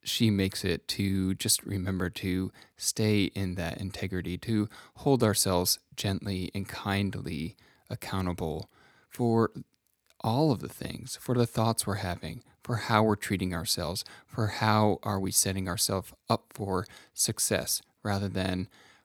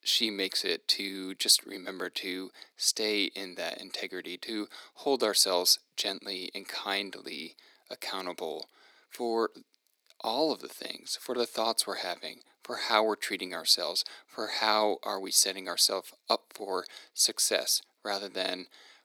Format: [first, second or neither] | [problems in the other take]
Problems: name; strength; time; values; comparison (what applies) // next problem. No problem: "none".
first | thin; somewhat; fading below 300 Hz